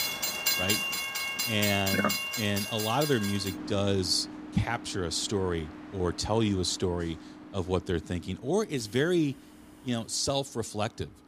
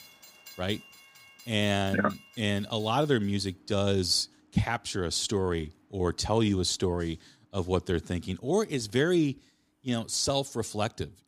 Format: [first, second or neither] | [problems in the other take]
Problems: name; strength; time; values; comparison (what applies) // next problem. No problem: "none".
second | train or aircraft noise; loud; throughout; 1 dB below the speech; faint in the second